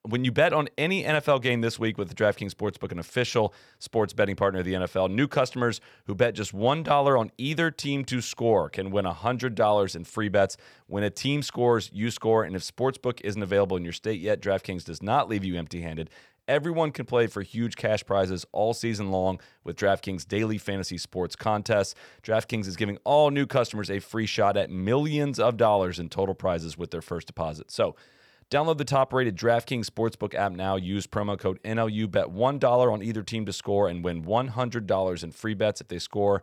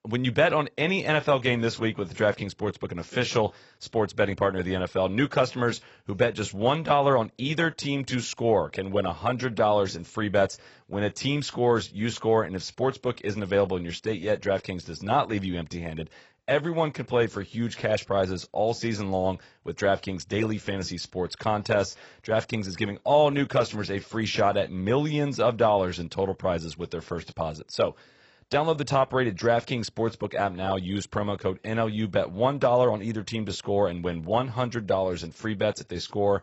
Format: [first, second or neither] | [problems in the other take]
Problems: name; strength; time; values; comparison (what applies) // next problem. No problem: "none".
first | garbled, watery; badly; nothing above 8 kHz